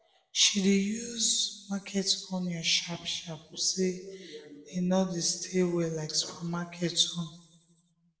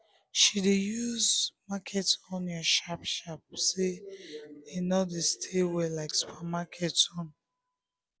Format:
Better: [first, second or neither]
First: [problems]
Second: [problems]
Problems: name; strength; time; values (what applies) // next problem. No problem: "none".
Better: second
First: room echo; dies away in 0.7 s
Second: none